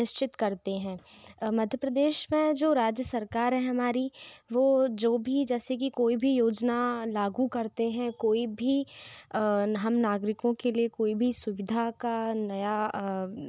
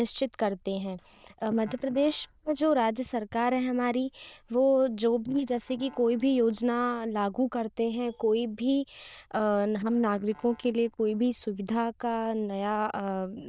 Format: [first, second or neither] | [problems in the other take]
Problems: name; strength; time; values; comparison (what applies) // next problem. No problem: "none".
first | noise reduction (neural diffusion model UNIVERSE++)